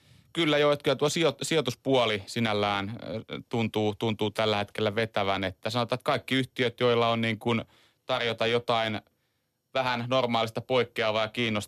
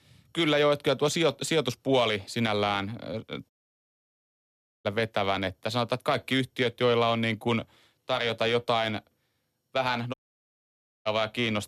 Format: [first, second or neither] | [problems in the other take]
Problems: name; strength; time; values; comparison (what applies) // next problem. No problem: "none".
first | audio cutting out; at 3.5 s for 1.5 s and at 10 s for 1 s